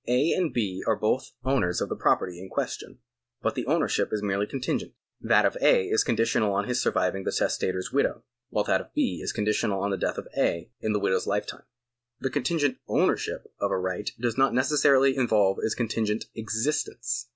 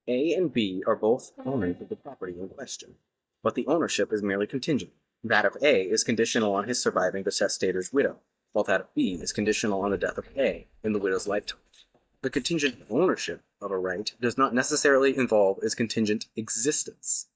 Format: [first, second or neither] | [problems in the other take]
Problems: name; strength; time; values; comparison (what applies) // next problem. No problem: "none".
first | noise reduction (neural mask model DeepFilterNet 3)